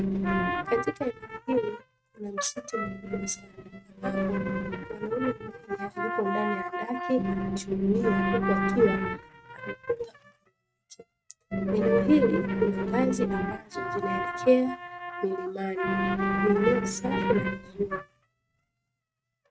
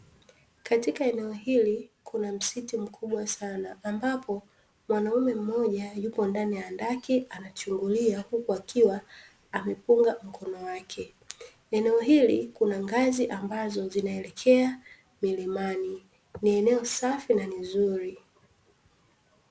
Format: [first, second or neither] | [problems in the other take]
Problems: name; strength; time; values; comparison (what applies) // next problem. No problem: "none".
second | noise reduction (neural mask model RNNoise)